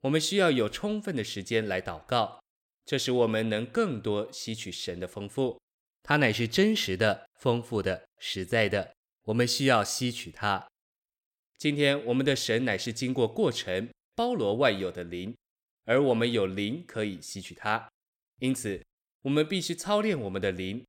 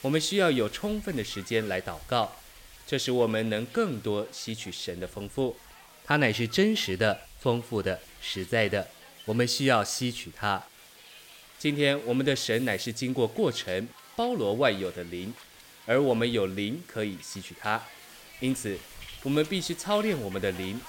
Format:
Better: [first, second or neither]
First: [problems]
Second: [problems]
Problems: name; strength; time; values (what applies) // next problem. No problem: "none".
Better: first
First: none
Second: hiss; noticeable; throughout; 20 dB below the speech